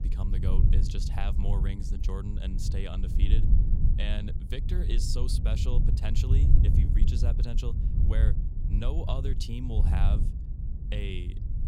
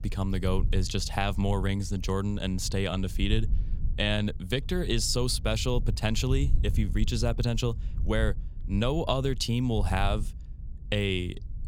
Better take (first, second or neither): second